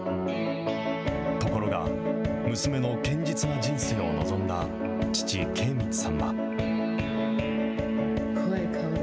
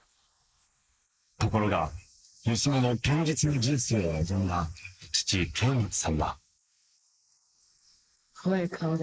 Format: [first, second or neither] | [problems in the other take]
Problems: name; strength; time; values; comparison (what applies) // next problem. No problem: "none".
first | noise reduction (neural mask model Resemble Enhance denoiser)